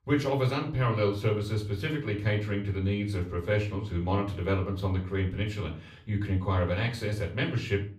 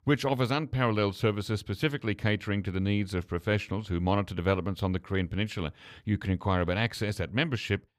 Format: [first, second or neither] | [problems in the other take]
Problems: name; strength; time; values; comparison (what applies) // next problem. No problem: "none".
second | off-mic speech; far // room echo; slight; dies away in 0.4 s